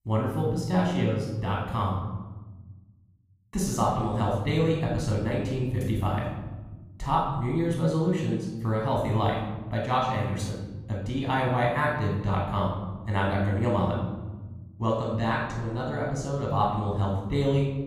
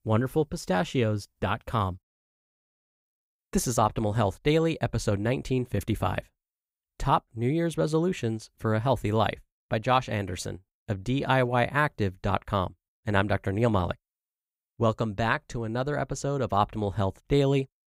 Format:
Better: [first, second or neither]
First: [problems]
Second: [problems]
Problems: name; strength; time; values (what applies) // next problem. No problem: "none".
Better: second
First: off-mic speech; far // room echo; noticeable; dies away in 1.3 s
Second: none